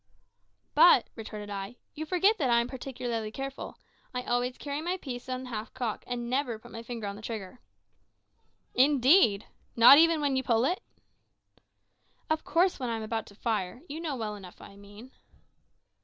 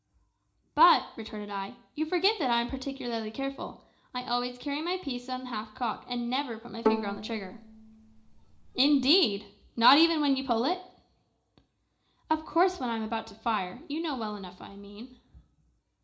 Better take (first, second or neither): first